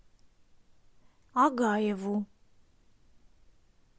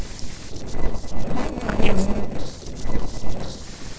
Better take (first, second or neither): first